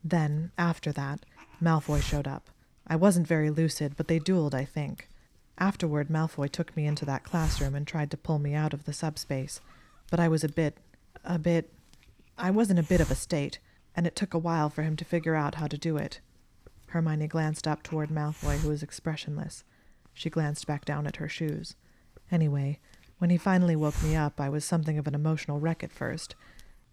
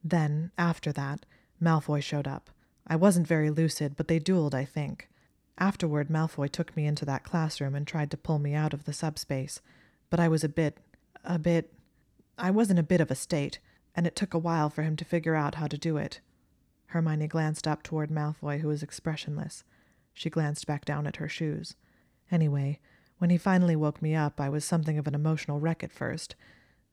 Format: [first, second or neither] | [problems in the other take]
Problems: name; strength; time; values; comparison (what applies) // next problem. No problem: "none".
second | hiss; noticeable; throughout; 10 dB below the speech